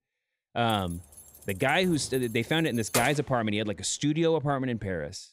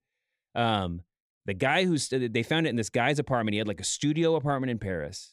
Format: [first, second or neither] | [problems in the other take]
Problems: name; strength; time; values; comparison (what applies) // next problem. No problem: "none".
second | jangling keys; noticeable; from 0.5 to 3 s; peak 3 dB below the speech